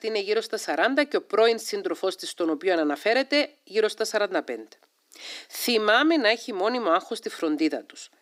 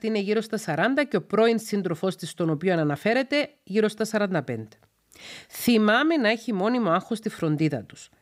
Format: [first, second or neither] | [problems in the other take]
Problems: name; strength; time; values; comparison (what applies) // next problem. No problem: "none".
second | thin; somewhat; fading below 300 Hz